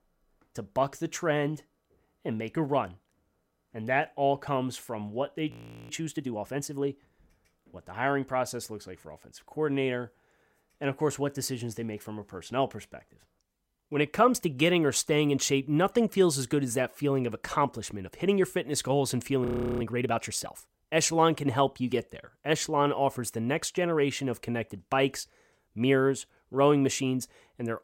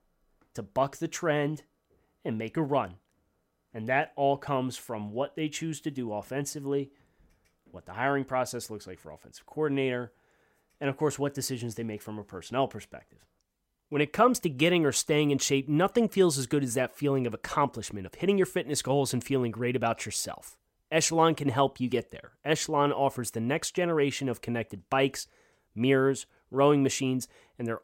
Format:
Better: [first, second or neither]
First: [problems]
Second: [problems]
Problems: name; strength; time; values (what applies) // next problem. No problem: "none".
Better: second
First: audio freezing; at 5.5 s and at 19 s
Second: none